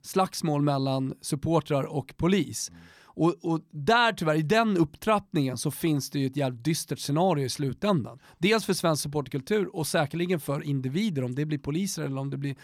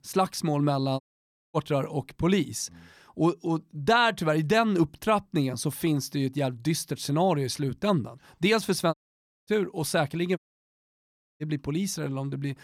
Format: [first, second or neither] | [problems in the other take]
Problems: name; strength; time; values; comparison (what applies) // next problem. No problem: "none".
first | audio cutting out; at 1 s for 0.5 s, at 9 s for 0.5 s and at 10 s for 1 s